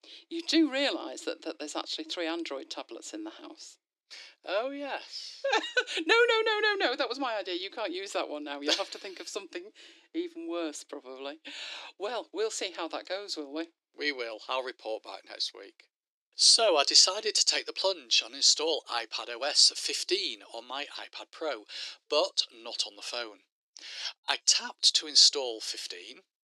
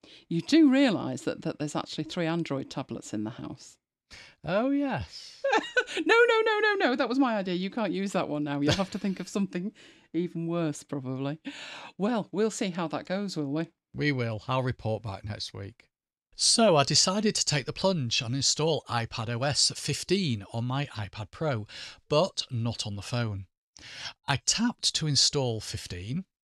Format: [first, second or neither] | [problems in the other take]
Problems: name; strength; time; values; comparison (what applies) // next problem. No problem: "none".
second | thin; very; fading below 300 Hz